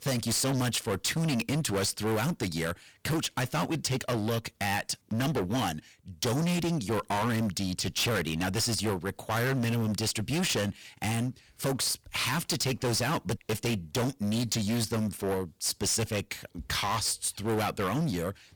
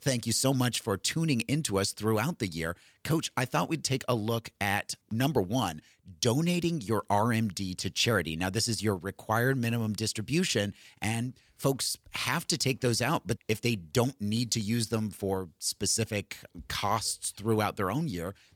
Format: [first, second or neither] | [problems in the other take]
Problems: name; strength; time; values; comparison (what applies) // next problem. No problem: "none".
second | distortion; heavy; 23% of the sound clipped